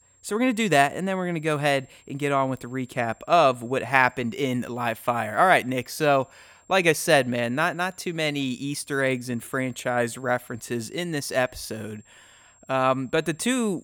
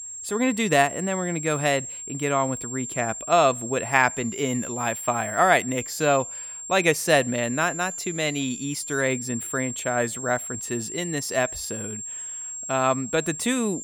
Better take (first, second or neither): first